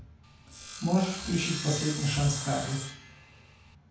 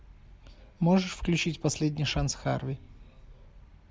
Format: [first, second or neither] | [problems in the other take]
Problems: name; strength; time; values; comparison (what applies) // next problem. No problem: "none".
second | background sound (Sawing); 9 dB below the speech // room echo; dies away in 0.5 s